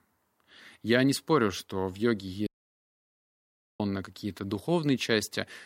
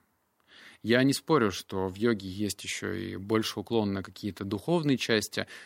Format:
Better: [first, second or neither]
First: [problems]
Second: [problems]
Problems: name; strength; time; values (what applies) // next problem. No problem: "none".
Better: second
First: audio cutting out; at 2.5 s for 1.5 s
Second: none